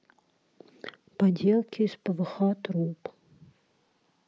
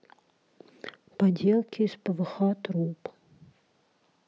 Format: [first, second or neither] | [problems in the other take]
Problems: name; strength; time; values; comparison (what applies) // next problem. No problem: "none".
second | noise reduction (neural mask model Resemble Enhance denoiser)